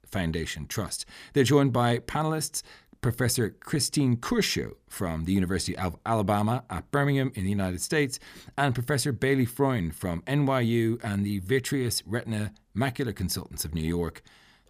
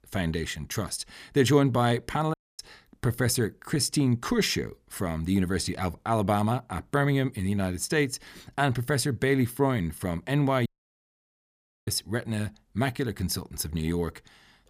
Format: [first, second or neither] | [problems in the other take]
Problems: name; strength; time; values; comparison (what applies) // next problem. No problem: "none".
first | audio cutting out; at 2.5 s and at 11 s for 1 s